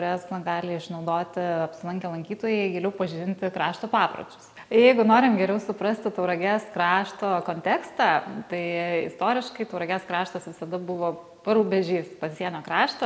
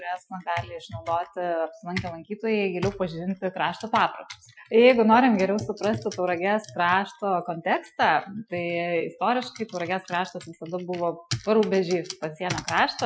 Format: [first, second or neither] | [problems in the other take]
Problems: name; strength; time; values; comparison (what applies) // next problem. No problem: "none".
first | noise reduction (classical method Wiener filter)